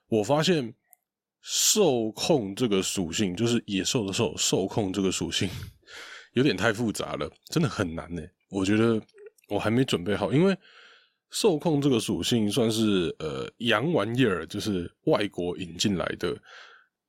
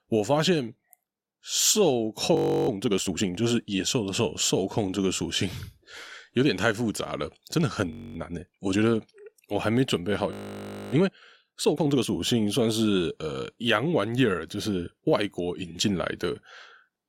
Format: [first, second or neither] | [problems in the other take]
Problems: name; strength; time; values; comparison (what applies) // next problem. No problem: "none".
first | audio freezing; at 2.5 s, at 8 s and at 10 s for 0.5 s